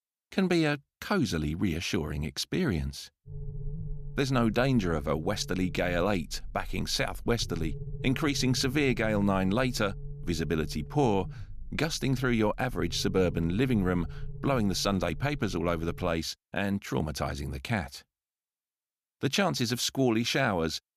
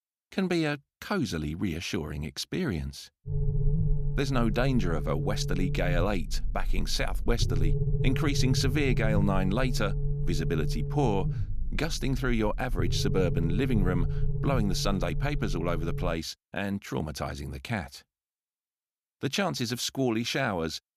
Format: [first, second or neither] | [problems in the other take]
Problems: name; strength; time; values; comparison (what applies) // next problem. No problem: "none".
first | low rumble; loud; from 3.5 to 16 s; 10 dB below the speech; faint in the first